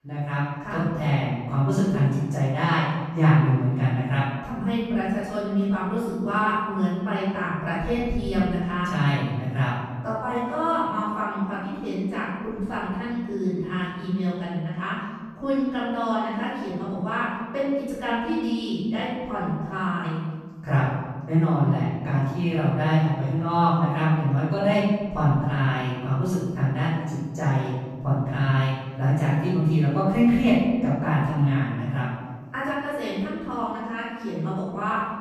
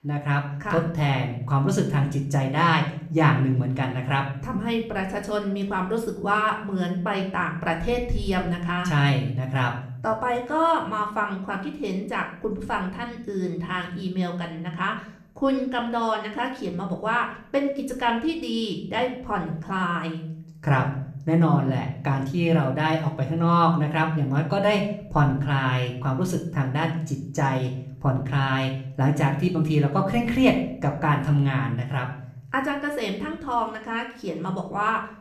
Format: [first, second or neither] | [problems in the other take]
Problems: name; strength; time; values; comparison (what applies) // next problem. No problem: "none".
second | room echo; strong; dies away in 1.4 s; slight in the second // off-mic speech; far; somewhat distant in the second